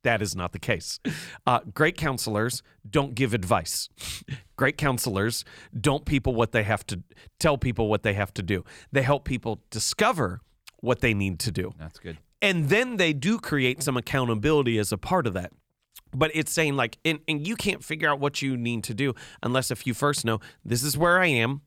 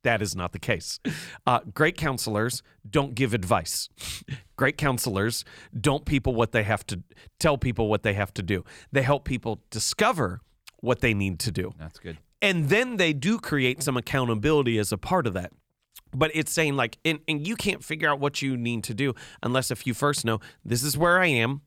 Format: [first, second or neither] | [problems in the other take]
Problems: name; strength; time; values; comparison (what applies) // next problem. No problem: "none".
neither | none